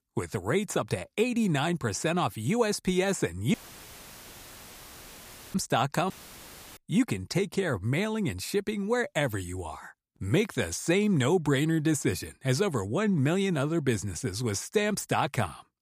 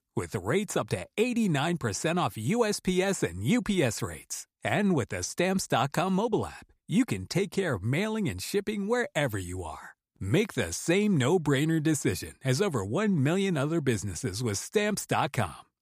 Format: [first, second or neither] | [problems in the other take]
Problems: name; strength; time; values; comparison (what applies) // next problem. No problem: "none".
second | audio cutting out; filled with static; at 3.5 s for 2 s and at 6 s for 0.5 s